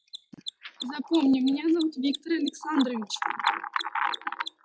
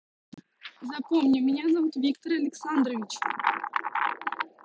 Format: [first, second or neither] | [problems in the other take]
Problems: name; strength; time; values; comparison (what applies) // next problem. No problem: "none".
second | noise reduction (classical method log-MMSE)